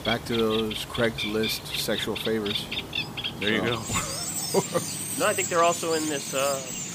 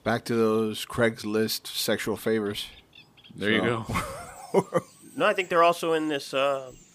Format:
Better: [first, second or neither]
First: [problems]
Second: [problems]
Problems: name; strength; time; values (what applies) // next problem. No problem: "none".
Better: second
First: animal sounds; loud; throughout; 3 dB below the speech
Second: animal sounds; faint; throughout; 25 dB below the speech